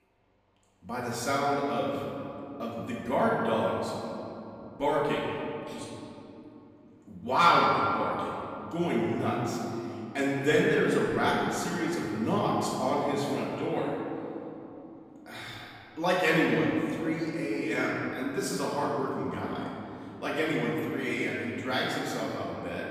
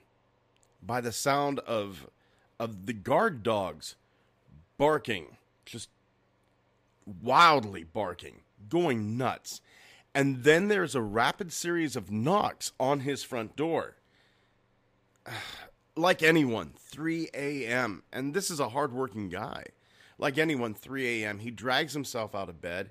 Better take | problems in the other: second | off-mic speech; far // room echo; noticeable; dies away in 2.9 s

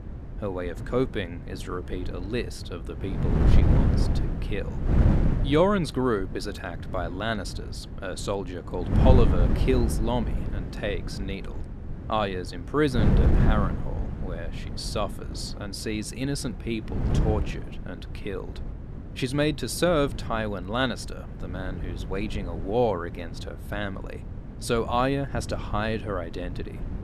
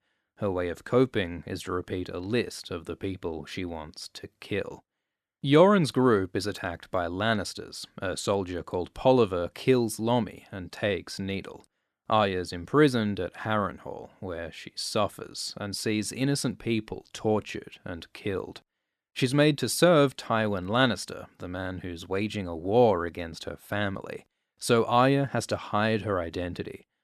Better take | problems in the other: second | wind noise on the microphone; heavy; 9 dB below the speech

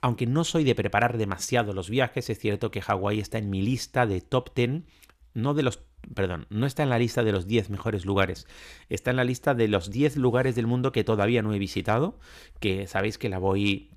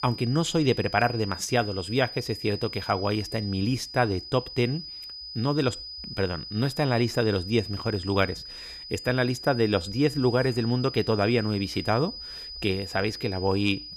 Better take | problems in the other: first | high-pitched whine; noticeable; throughout; 5 kHz, 10 dB below the speech

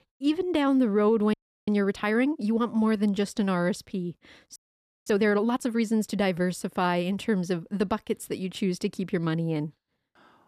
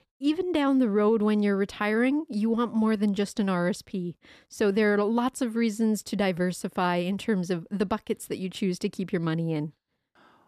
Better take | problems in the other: second | audio freezing; at 1.5 s and at 4.5 s for 0.5 s

